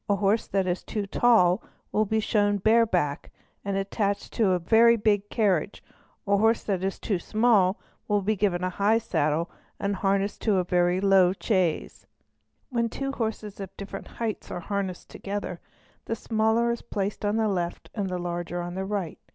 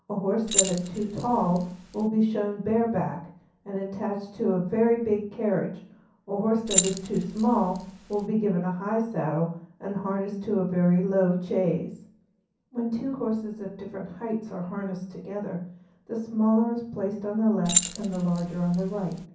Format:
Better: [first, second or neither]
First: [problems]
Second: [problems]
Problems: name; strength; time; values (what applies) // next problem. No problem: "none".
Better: first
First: none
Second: background sound (Keys jangling); 3 dB below the speech // room echo; dies away in 0.6 s